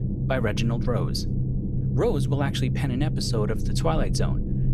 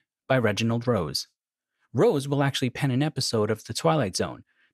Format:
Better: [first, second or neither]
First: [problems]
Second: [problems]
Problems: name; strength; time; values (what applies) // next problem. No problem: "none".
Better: second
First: low rumble; loud; throughout; 8 dB below the speech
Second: none